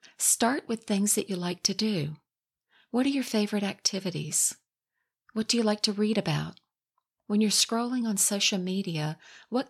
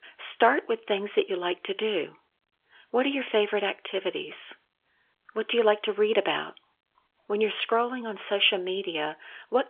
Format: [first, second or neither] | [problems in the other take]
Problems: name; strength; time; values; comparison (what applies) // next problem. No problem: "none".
first | phone-call audio; nothing above 3.5 kHz